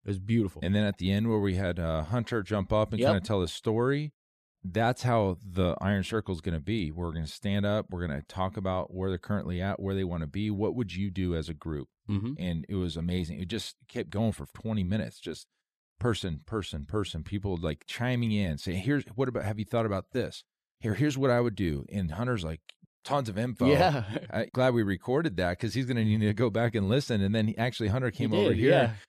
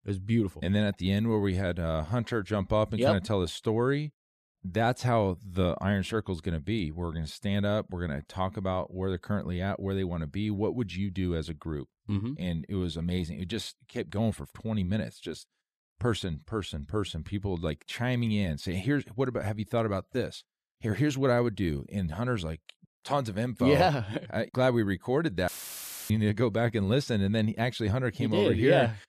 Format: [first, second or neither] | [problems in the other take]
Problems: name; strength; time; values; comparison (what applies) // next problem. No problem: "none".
first | audio cutting out; filled with static; at 25 s for 0.5 s